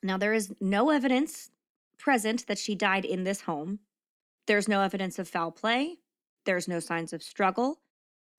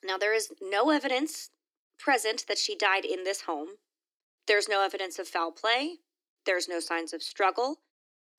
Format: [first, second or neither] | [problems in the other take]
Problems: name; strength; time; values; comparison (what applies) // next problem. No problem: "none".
first | thin; somewhat; fading below 300 Hz